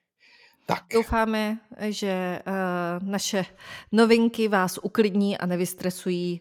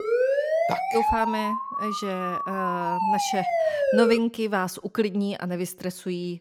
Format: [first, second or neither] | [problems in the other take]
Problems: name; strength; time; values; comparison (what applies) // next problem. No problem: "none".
first | siren; loud; until 4 s; peak 5 dB above the speech